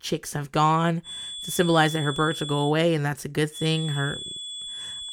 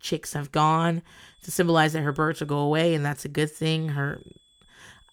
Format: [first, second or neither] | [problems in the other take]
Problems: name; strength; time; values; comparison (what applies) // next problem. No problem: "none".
second | high-pitched whine; loud; from 1 to 2.5 s and from 3.5 s on; 3.5 kHz, 9 dB below the speech; faint in the second